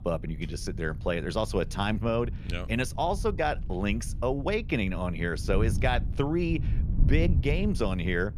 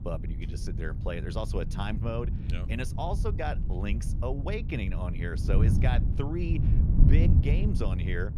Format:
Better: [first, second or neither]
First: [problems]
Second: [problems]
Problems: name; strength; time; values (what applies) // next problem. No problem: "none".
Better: first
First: wind noise on the microphone; occasional gusts; 15 dB below the speech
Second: wind noise on the microphone; heavy; 5 dB below the speech